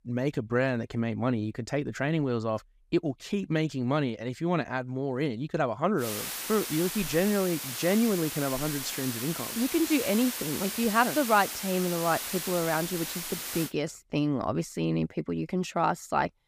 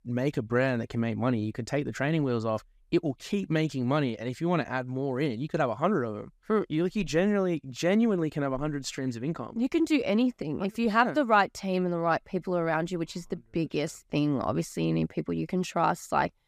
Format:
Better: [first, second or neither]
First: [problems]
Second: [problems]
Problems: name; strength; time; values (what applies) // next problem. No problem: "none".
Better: second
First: hiss; loud; from 6 to 14 s; 5 dB below the speech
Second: none